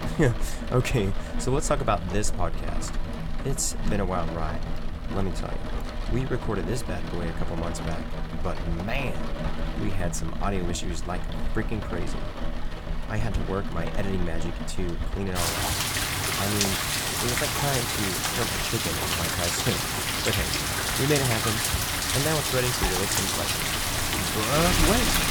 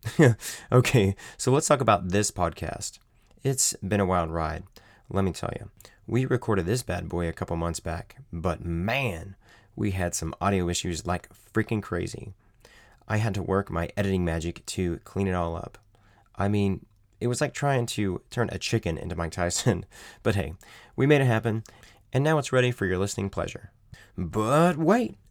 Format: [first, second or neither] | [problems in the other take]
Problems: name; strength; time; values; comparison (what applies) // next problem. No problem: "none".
second | rain or running water; very loud; throughout; 2 dB above the speech